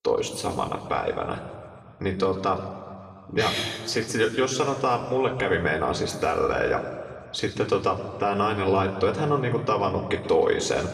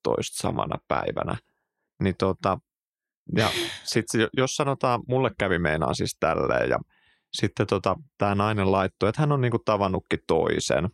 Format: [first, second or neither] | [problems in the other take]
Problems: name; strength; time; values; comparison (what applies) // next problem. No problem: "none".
second | room echo; slight; dies away in 1.8 s // off-mic speech; somewhat distant